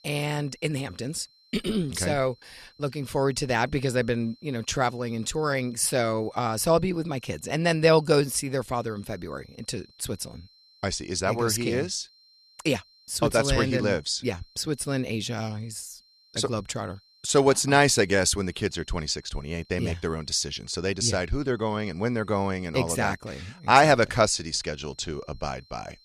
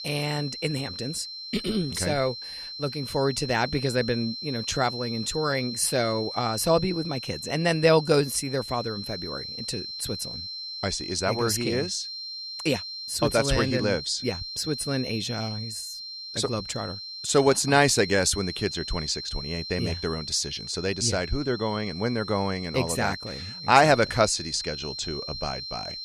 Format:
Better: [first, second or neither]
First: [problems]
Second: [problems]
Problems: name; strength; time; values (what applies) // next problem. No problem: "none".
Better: first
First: high-pitched whine; faint; throughout; 4 kHz, 30 dB below the speech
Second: high-pitched whine; loud; throughout; 4 kHz, 8 dB below the speech